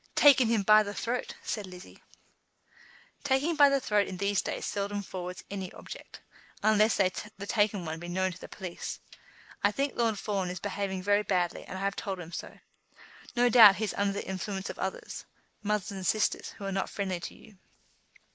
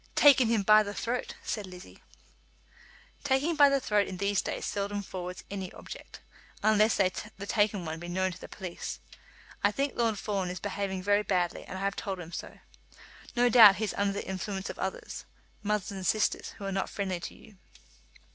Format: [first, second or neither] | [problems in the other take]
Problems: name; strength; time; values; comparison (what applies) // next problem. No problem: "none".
second | noise reduction (neural mask model Resemble Enhance denoiser)